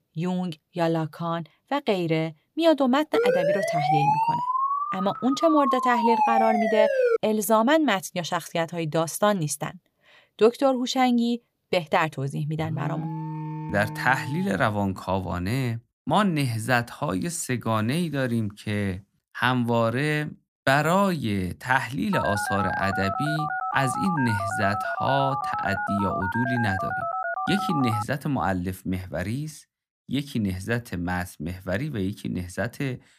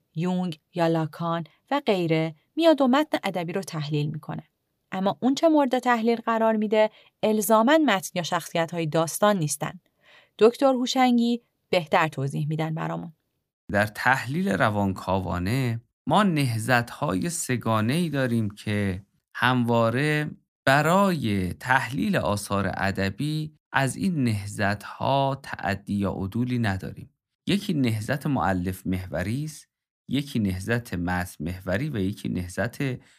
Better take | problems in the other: second | siren; loud; from 3 to 7 s; peak 4 dB above the speech // alarm; noticeable; from 13 to 15 s; peak 6 dB below the speech // phone ringing; noticeable; from 22 to 28 s; peak 2 dB below the speech

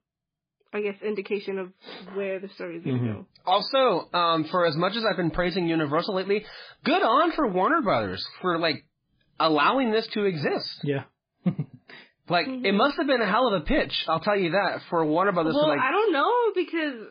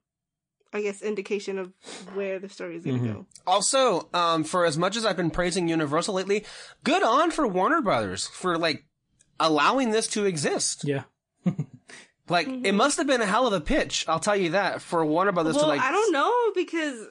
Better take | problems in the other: second | garbled, watery; badly; nothing above 5 kHz; slightly in the second

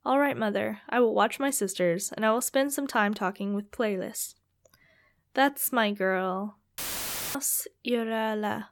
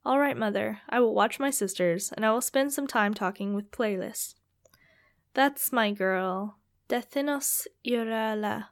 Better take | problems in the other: second | audio cutting out; filled with static; at 7 s for 0.5 s

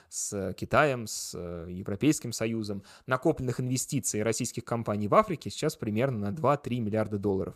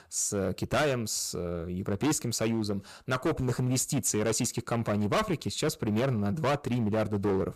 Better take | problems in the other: first | distortion; heavy; 14% of the sound clipped

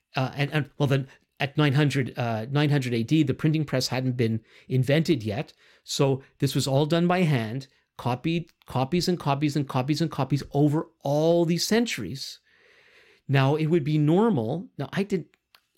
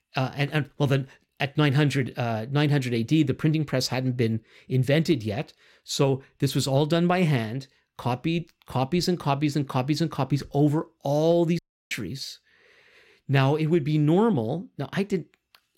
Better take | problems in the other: first | audio cutting out; at 12 s

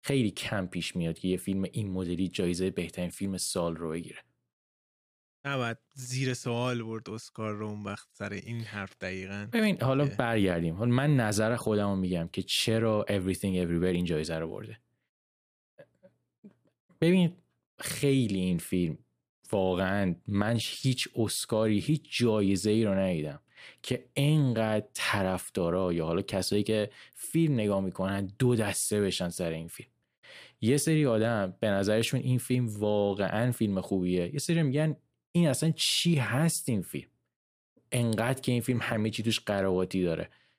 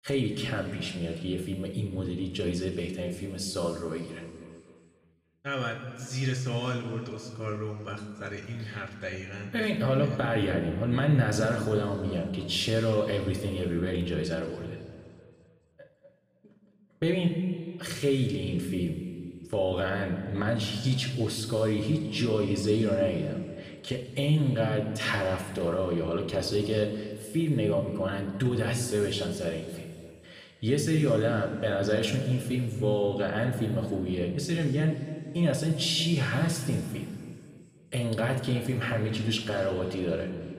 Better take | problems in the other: first | room echo; noticeable; dies away in 2.2 s // off-mic speech; somewhat distant

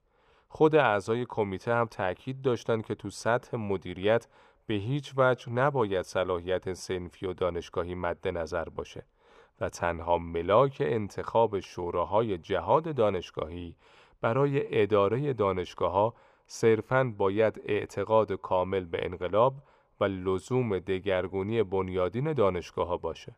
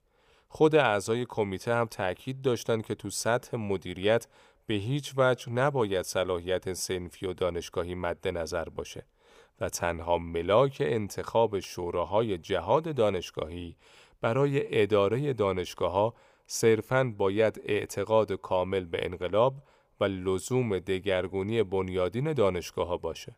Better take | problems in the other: second | muffled; slightly; fading above 3 kHz

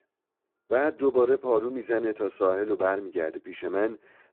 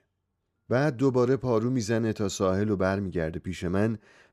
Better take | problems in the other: second | phone-call audio; poor line

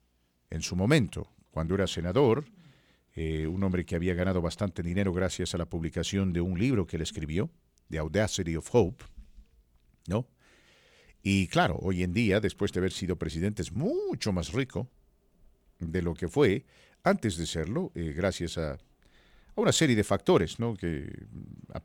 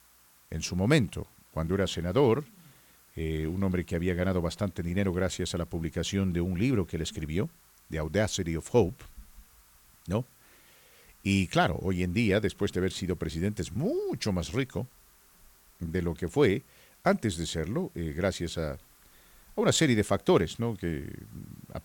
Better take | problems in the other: first | hiss; faint; throughout; 30 dB below the speech

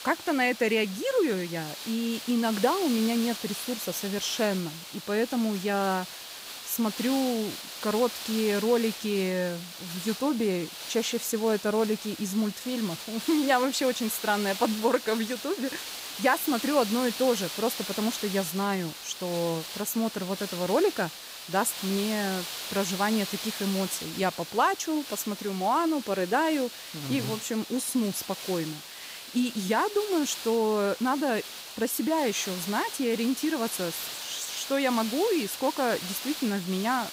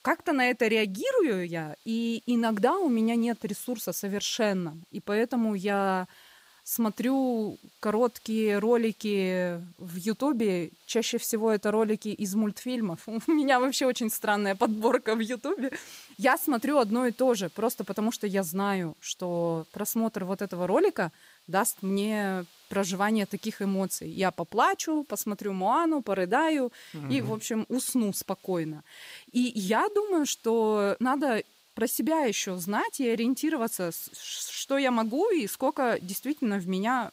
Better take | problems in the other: second | hiss; loud; throughout; 8 dB below the speech; faint in the second

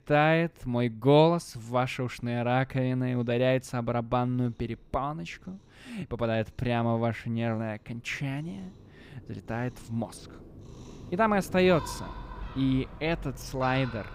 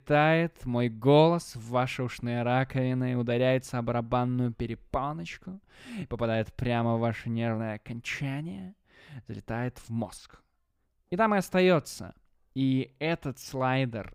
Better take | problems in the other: second | animal sounds; noticeable; throughout; 15 dB below the speech

